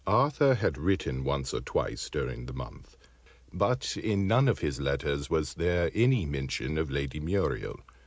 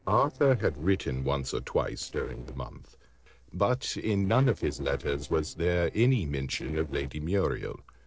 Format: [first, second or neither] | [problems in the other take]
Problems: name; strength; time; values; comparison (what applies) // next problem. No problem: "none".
first | noise reduction (neural separator model SepFormer DNS4)